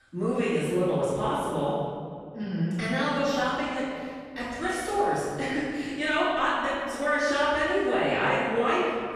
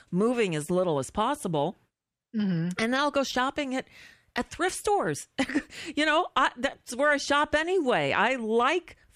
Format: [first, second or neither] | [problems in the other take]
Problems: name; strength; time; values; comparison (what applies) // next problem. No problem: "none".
second | off-mic speech; far // room echo; strong; dies away in 1.9 s